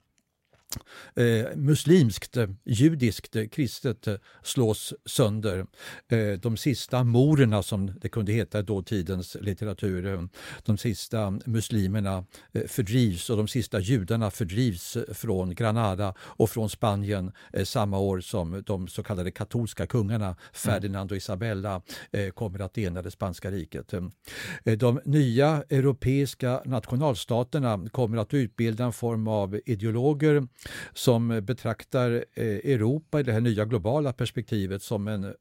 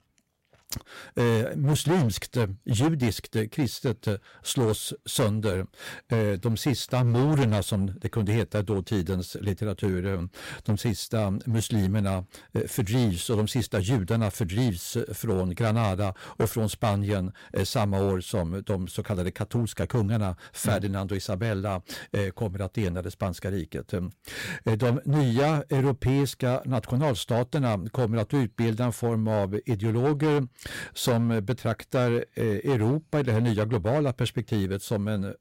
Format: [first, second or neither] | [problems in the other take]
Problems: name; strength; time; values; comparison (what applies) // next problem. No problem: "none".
first | distortion; slight; 9% of the sound clipped